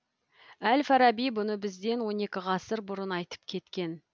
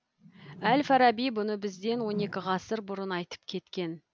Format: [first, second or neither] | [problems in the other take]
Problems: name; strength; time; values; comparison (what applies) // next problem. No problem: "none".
first | background sound (Whoosh, swoosh, swish); 14 dB below the speech